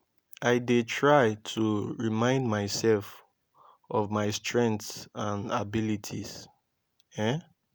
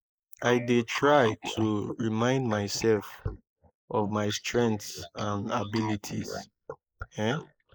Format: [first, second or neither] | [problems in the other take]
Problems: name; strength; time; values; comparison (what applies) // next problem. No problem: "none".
first | noise reduction (neural mask model Resemble Enhance denoiser)